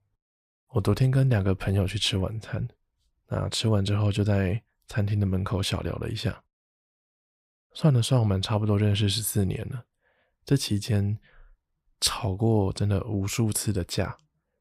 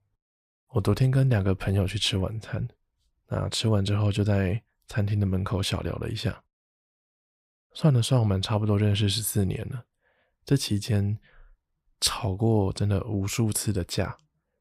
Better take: neither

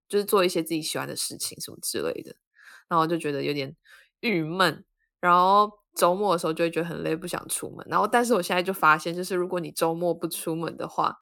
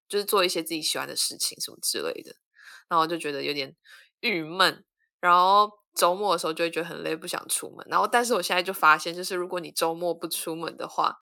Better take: first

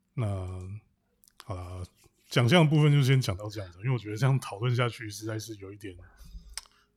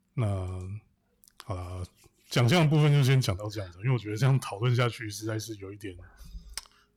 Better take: first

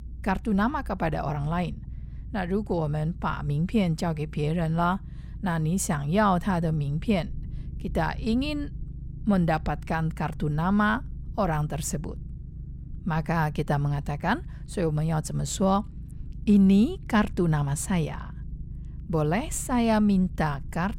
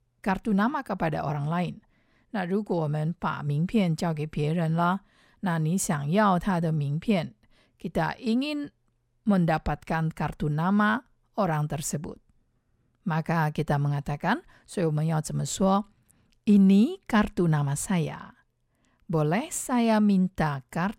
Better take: second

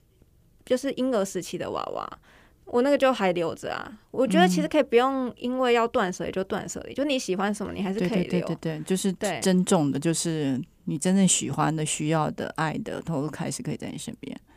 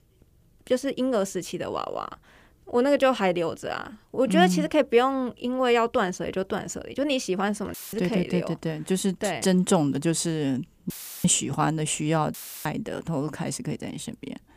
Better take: first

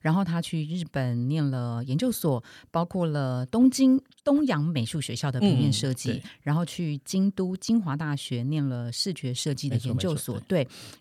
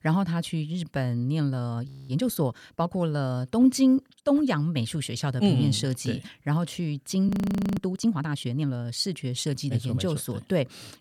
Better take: first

